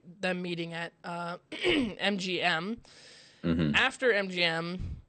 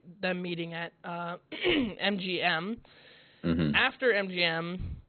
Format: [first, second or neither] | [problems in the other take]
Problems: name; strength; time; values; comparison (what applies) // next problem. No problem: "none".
first | garbled, watery; badly; nothing above 4 kHz; slightly in the first